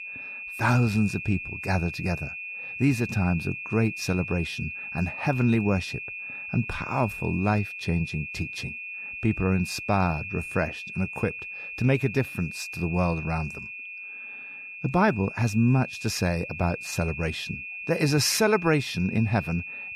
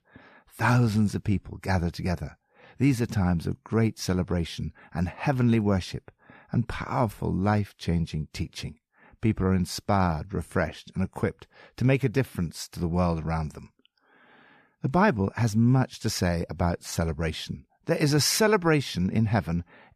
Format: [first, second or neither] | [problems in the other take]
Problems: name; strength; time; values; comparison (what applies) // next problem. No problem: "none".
second | high-pitched whine; loud; throughout; 2.5 kHz, 8 dB below the speech